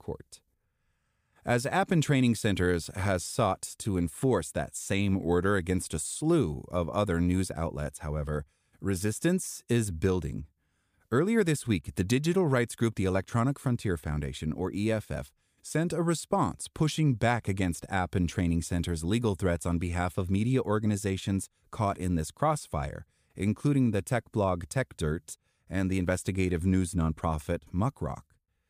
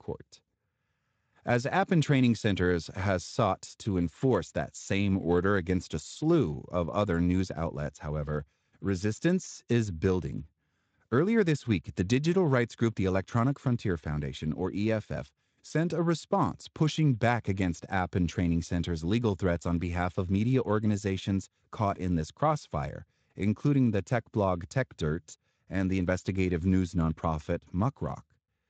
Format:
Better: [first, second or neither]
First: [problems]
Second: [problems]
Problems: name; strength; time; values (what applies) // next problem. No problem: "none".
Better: first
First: none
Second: garbled, watery; slightly; nothing above 7.5 kHz